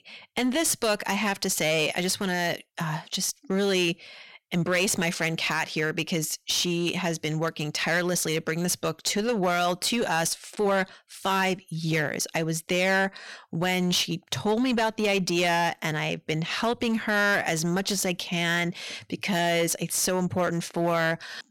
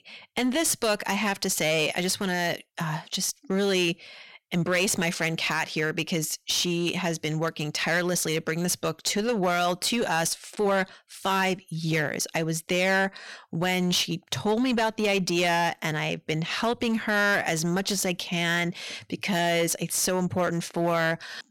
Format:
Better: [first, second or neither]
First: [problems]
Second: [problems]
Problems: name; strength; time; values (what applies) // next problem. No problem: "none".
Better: neither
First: distortion; slight; 8% of the sound clipped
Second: distortion; slight; 8% of the sound clipped